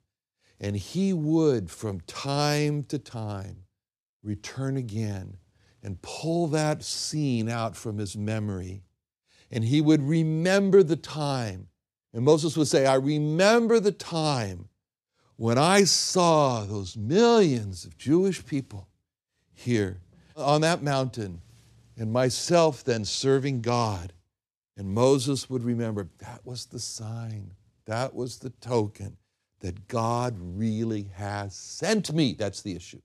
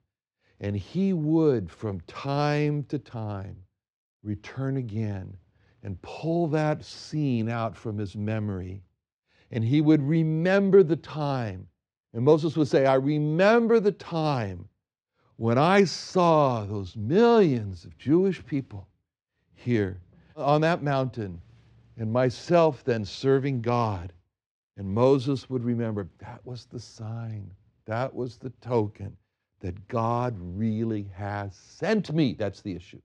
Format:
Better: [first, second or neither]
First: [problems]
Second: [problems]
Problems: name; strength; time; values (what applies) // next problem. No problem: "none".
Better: first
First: none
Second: muffled; slightly; fading above 3 kHz